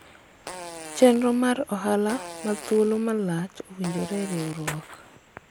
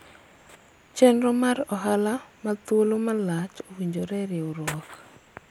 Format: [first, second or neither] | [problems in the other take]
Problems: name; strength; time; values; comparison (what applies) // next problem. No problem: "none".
second | background sound (Fart); 15 dB below the speech